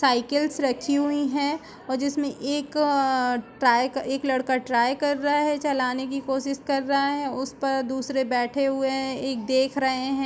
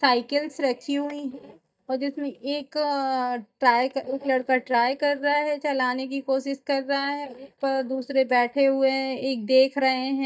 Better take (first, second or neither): first